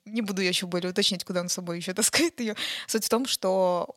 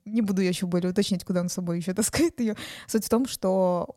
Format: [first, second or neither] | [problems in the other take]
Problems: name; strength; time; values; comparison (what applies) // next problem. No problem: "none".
second | thin; very slightly; fading below 450 Hz